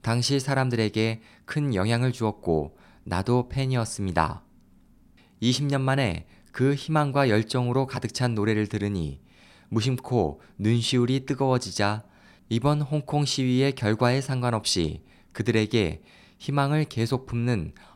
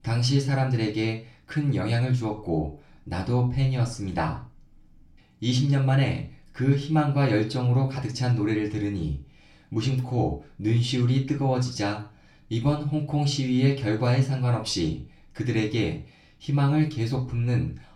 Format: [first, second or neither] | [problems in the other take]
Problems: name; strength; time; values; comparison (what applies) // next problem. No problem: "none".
first | room echo; slight; dies away in 0.3 s // off-mic speech; far